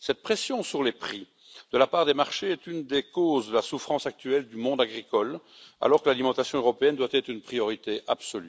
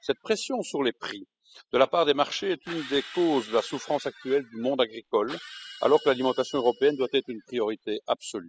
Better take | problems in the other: first | noise reduction (classical method spectral subtraction)

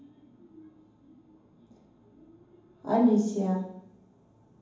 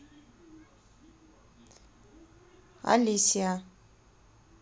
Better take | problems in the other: second | room echo; dies away in 0.9 s

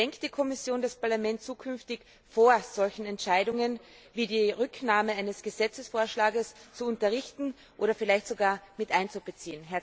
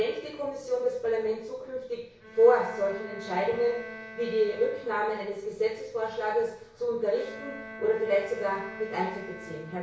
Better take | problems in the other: first | background sound (Bowed string instrument); 16 dB below the speech // room echo; dies away in 0.6 s

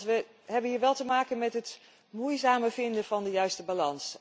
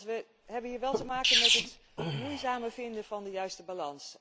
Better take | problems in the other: first | background sound (Sneeze); 5 dB above the speech

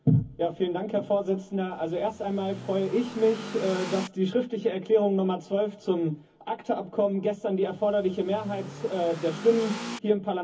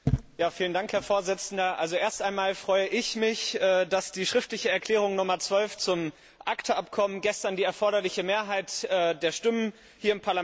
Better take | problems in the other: second | background sound (Accelerating, revving, vroom / Car); 12 dB below the speech // room echo; dies away in 0.3 s

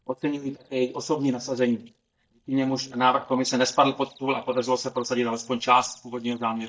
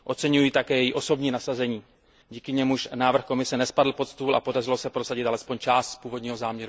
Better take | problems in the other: second | noise reduction (neural mask model DeepFilterNet 3)

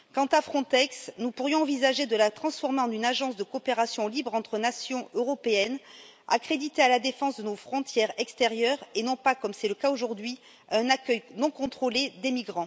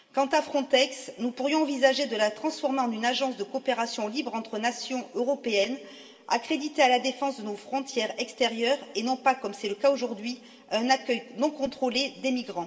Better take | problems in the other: first | room echo; dies away in 2.9 s

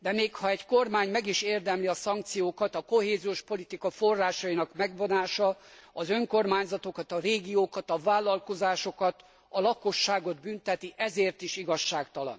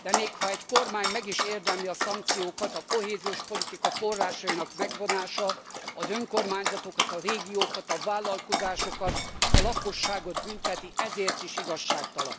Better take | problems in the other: first | background sound (Dog + Slam); 2 dB above the speech

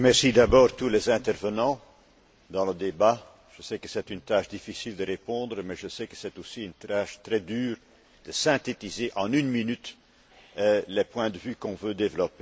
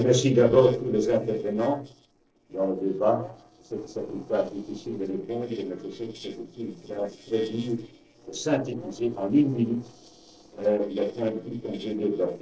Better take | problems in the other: first | noise reduction (neural separator model SepFormer DNS4)

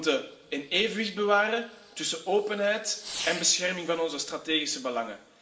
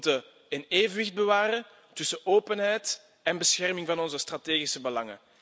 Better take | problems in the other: second | background sound (Fireworks); 16 dB below the speech // room echo; dies away in 1.7 s

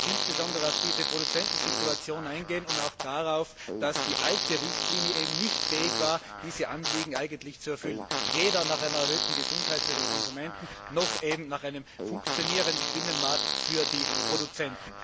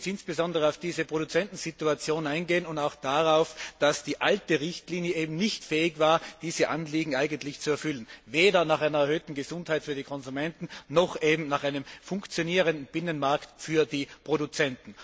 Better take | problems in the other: second | background sound (Fart); 2 dB above the speech

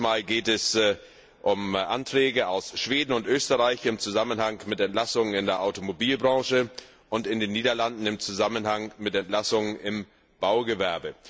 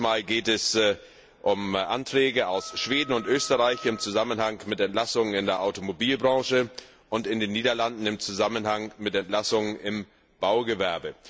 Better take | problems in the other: first | background sound (Wind instrument, woodwind instrument); 17 dB below the speech

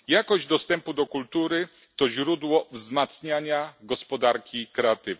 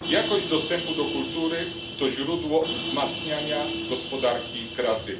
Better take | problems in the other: first | background sound (Vehicle horn, car horn, honking); 5 dB below the speech // room echo; dies away in 0.4 s

